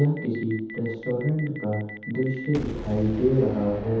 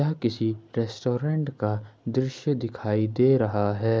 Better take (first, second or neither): second